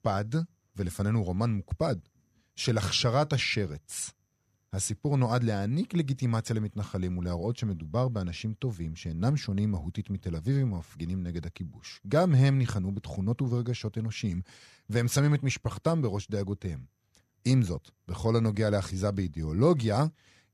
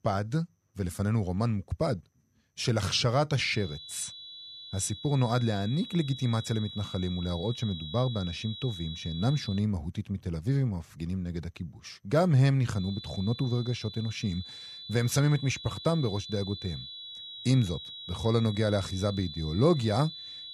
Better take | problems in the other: first | high-pitched whine; noticeable; from 3.5 to 9.5 s and from 13 s on; 4 kHz, 10 dB below the speech

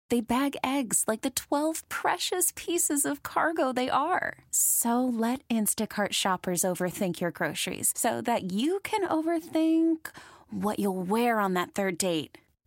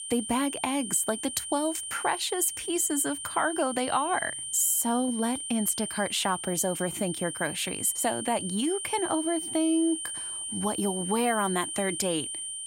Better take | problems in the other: first | high-pitched whine; loud; throughout; 9 kHz, 5 dB below the speech

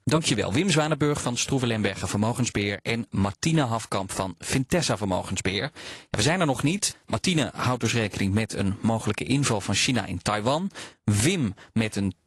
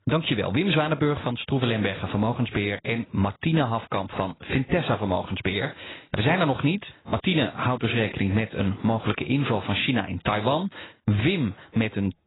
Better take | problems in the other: first | garbled, watery; badly; nothing above 4 kHz; slightly in the first

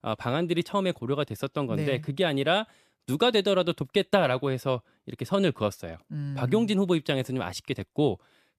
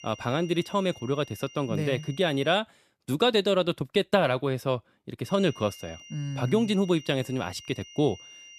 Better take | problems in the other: first | high-pitched whine; noticeable; until 2.5 s and from 5.5 s on; 3 kHz, 20 dB below the speech

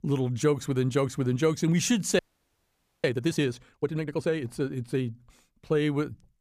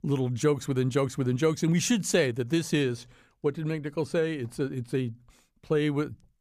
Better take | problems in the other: second | audio freezing; at 2 s for 1 s

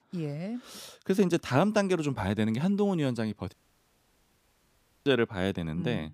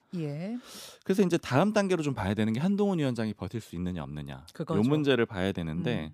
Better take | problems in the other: second | audio cutting out; at 3.5 s for 1.5 s

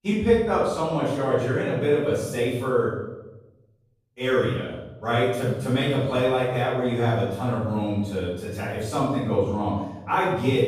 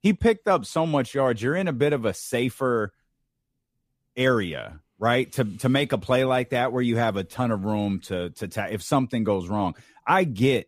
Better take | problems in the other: second | off-mic speech; far // room echo; strong; dies away in 0.9 s

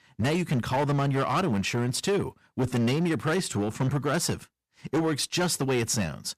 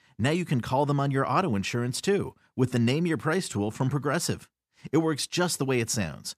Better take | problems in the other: second | distortion; slight; 13% of the sound clipped

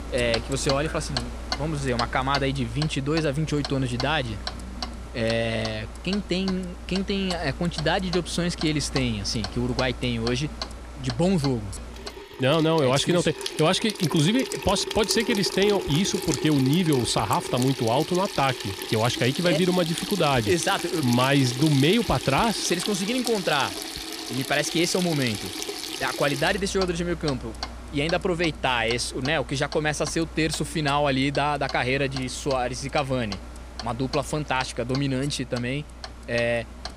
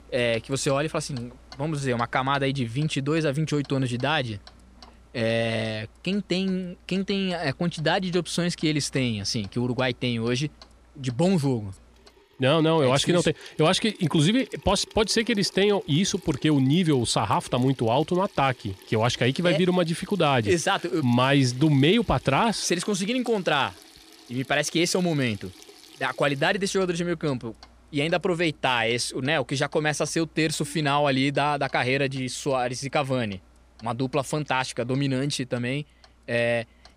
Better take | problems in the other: second | household noises; loud; throughout; 9 dB below the speech; faint in the second

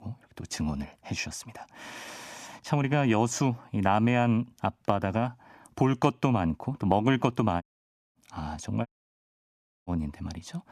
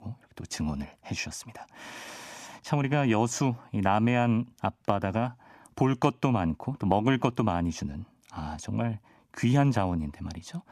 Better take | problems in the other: second | audio cutting out; at 7.5 s for 0.5 s and at 9 s for 1 s

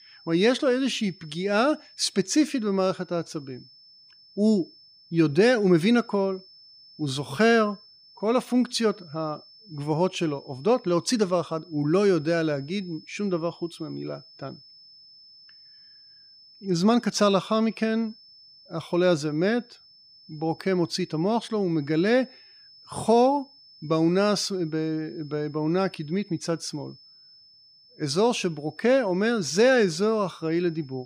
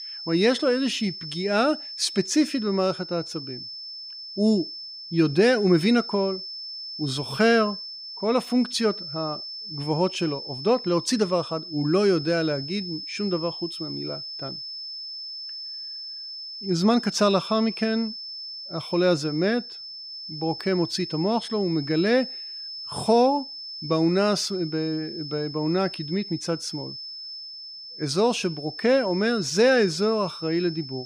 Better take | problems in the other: first | high-pitched whine; loud; throughout; 5.5 kHz, 10 dB below the speech; faint in the first

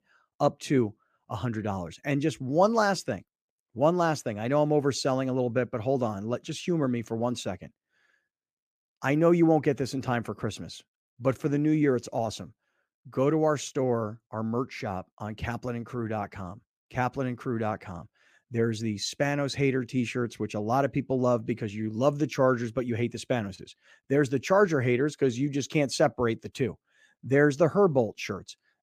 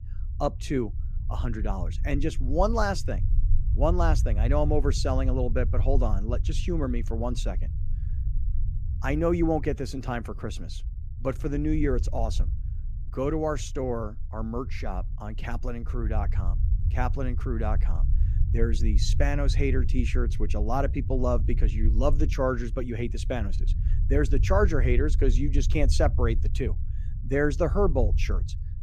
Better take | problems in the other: first | low rumble; noticeable; throughout; 15 dB below the speech

